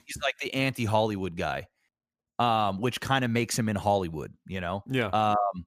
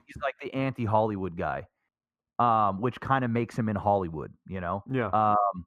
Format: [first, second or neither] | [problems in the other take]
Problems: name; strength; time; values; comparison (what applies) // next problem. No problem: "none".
first | muffled; very; fading above 3 kHz